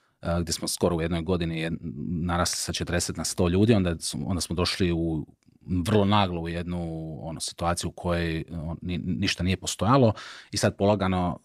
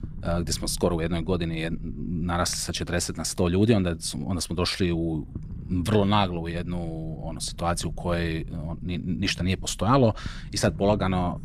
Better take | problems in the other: first | low rumble; faint; throughout; 25 dB below the speech

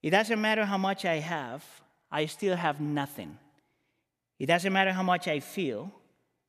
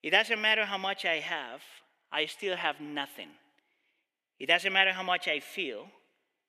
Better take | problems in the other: first | thin; somewhat; fading below 350 Hz

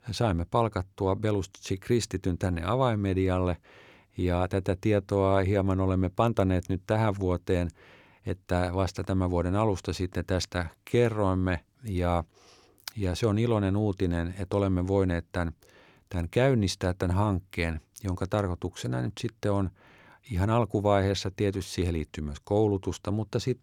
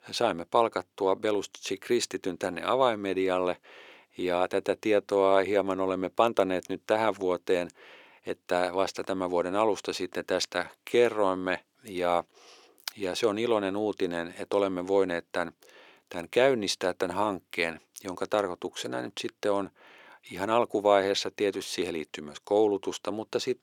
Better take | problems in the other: first | thin; somewhat; fading below 400 Hz

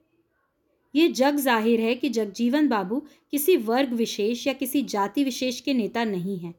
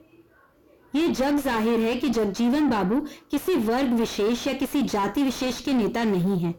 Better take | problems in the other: first | distortion; heavy; 5 dB below the speech

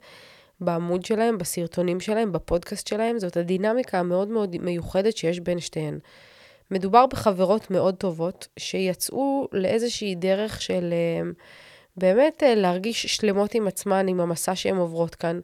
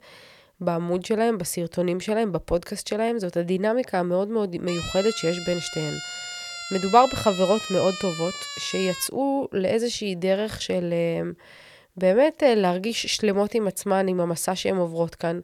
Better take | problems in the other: first | siren; noticeable; from 4.5 to 9 s; peak 7 dB below the speech

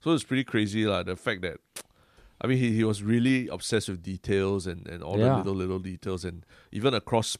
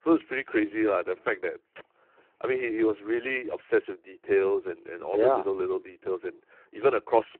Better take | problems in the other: first | phone-call audio; poor line

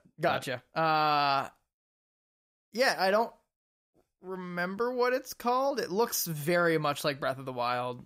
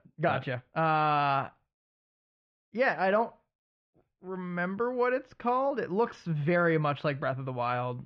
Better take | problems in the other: first | muffled; very; fading above 3 kHz

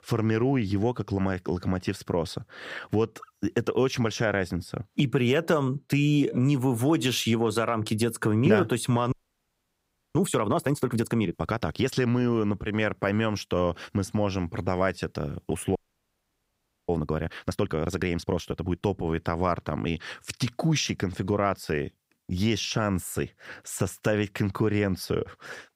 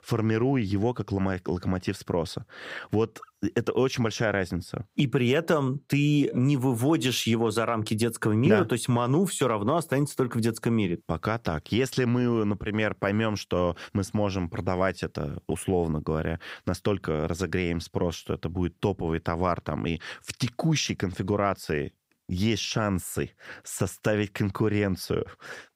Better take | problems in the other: second | audio freezing; at 9 s for 1 s and at 16 s for 1 s

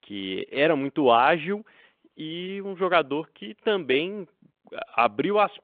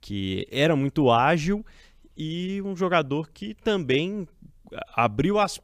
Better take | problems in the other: second | phone-call audio

